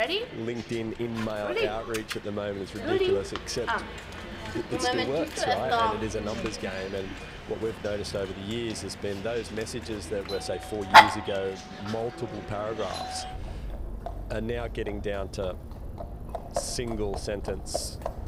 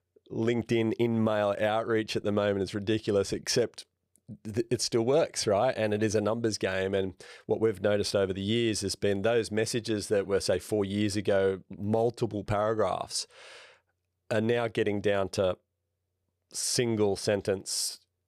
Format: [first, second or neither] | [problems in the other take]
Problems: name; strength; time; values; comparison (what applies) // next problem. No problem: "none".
second | animal sounds; very loud; throughout; 5 dB above the speech